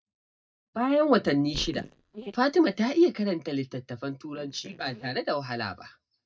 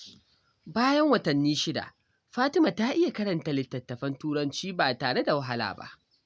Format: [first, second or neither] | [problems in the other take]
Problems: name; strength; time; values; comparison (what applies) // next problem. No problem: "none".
second | noise reduction (neural mask model DeepFilterNet 3)